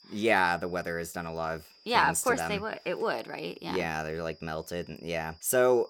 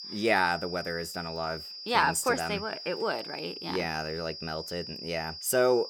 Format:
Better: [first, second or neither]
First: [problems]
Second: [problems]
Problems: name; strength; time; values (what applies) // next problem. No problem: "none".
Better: first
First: high-pitched whine; faint; throughout; 5 kHz, 25 dB below the speech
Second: high-pitched whine; loud; throughout; 5 kHz, 9 dB below the speech